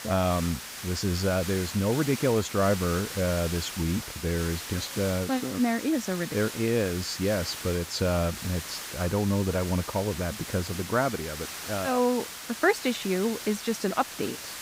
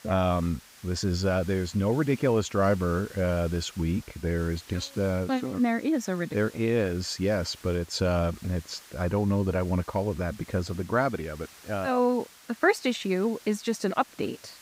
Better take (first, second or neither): second